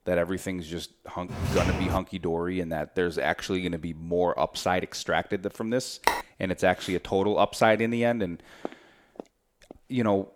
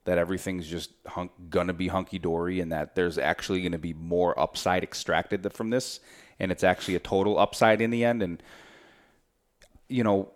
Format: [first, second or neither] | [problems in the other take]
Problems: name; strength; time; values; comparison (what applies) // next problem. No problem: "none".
second | footsteps; noticeable; at 1.5 s; peak level with the speech // phone ringing; loud; at 6 s; peak level with the speech // footsteps; faint; from 8.5 to 9.5 s; peak 15 dB below the speech